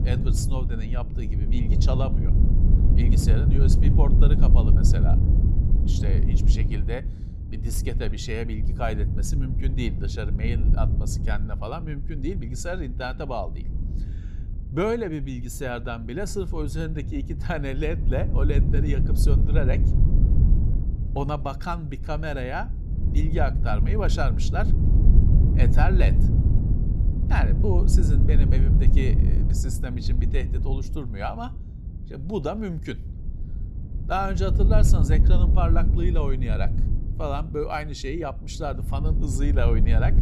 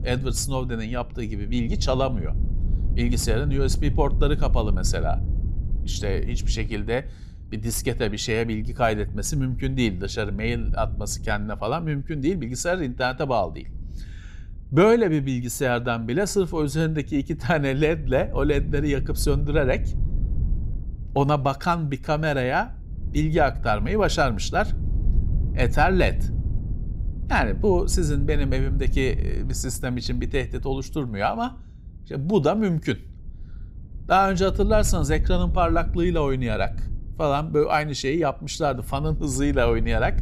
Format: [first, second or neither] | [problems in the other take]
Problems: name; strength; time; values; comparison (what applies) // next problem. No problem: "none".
second | wind noise on the microphone; heavy; 6 dB below the speech; occasional gusts in the second